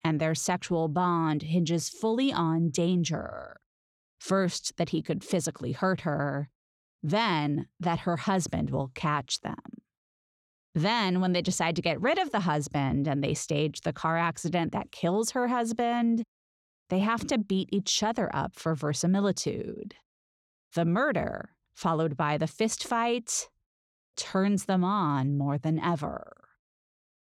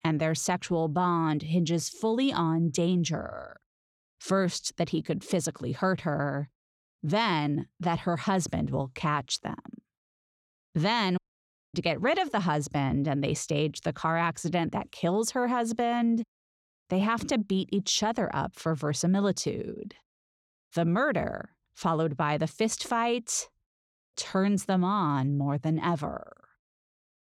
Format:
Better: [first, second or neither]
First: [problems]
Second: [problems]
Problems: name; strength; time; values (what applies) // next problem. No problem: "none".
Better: first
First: none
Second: audio cutting out; at 11 s for 0.5 s